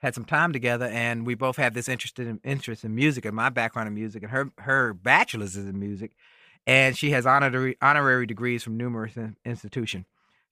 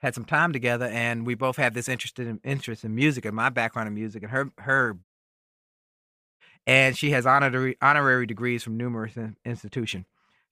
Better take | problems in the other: first | audio cutting out; at 5 s for 1.5 s

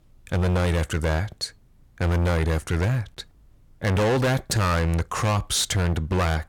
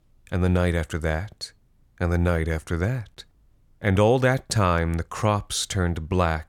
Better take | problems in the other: second | distortion; heavy; 21% of the sound clipped

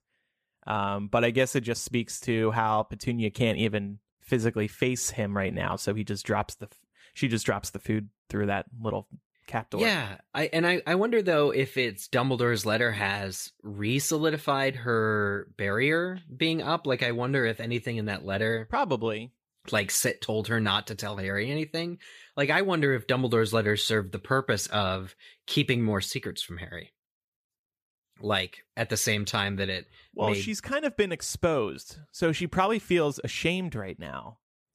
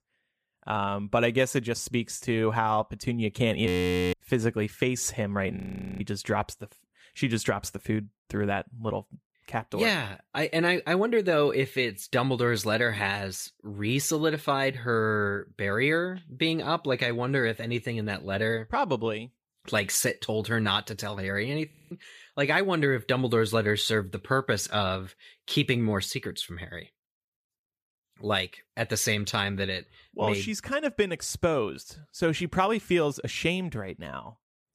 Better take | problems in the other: first | audio freezing; at 3.5 s, at 5.5 s and at 22 s

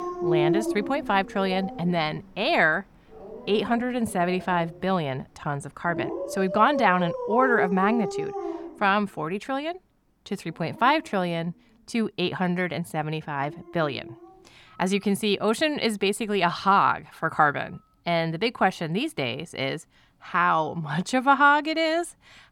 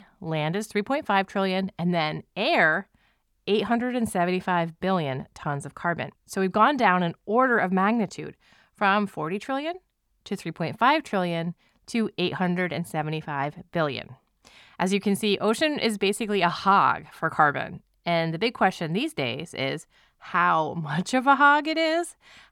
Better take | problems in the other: second | animal sounds; loud; throughout; 7 dB below the speech

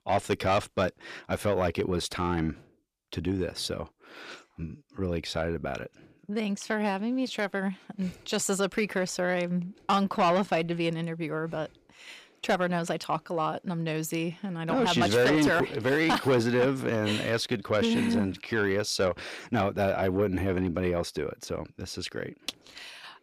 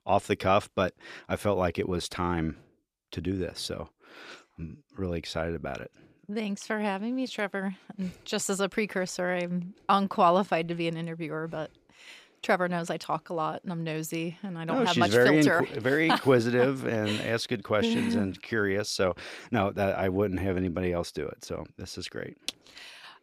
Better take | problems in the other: second | distortion; slight; 10 dB below the speech

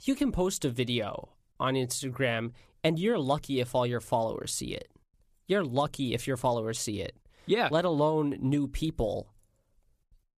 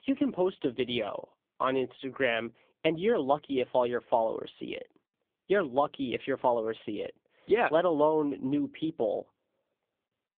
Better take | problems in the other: first | phone-call audio; poor line; nothing above 3.5 kHz

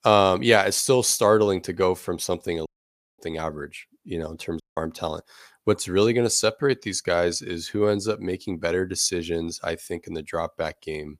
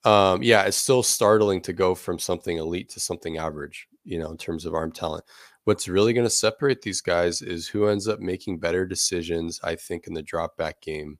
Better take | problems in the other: second | audio cutting out; at 2.5 s for 0.5 s and at 4.5 s

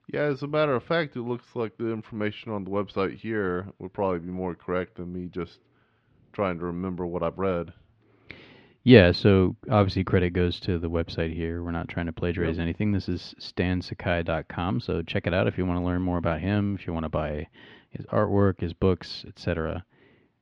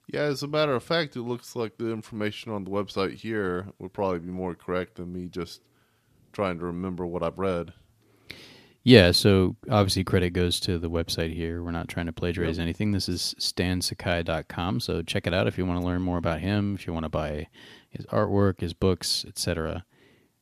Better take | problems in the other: second | muffled; slightly; fading above 3 kHz

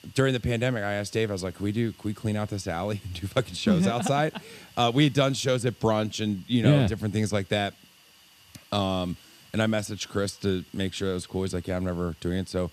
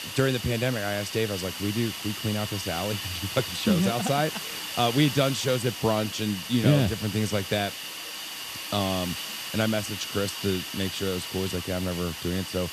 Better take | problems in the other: first | hiss; loud; throughout; 6 dB below the speech; faint in the first

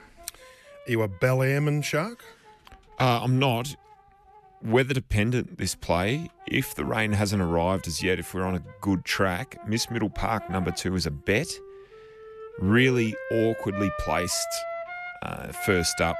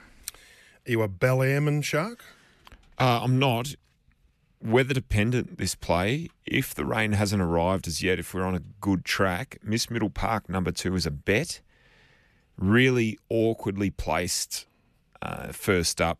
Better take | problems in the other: second | background music; noticeable; throughout; 15 dB below the speech

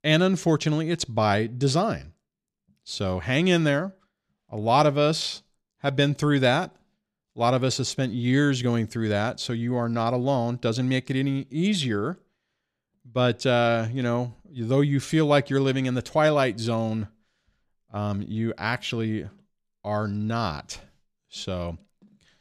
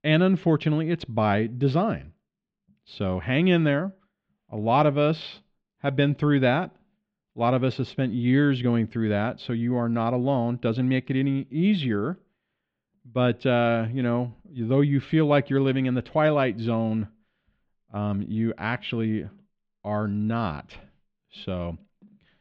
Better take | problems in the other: first | muffled; slightly; fading above 3 kHz

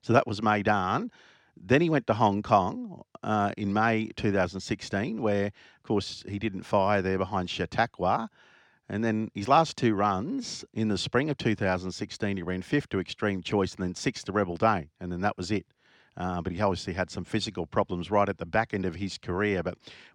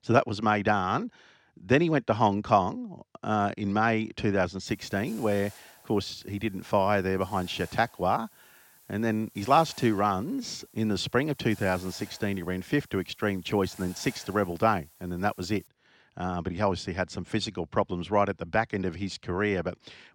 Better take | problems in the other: first | hiss; faint; from 4.5 to 16 s; 25 dB below the speech

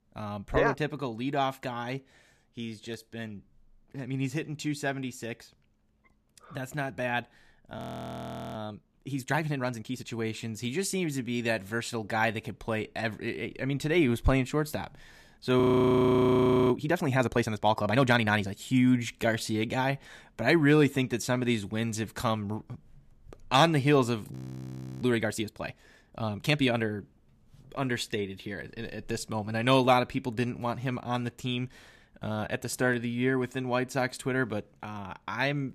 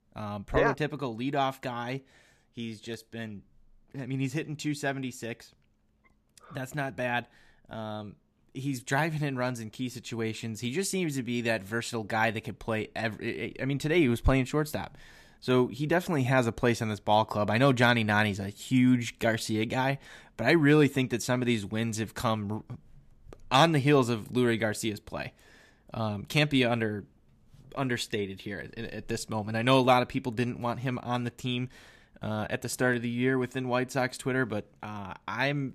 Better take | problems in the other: second | audio freezing; at 8 s for 0.5 s, at 16 s for 1 s and at 24 s for 0.5 s

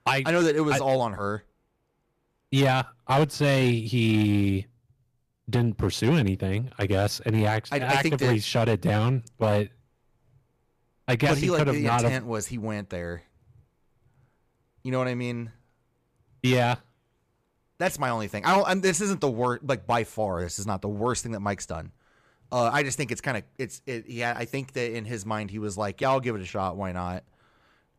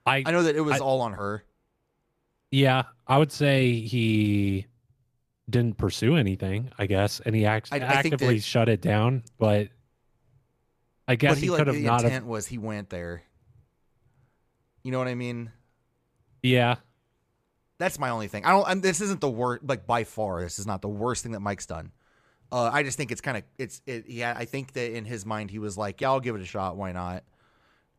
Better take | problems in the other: second | distortion; slight; 3% of the sound clipped

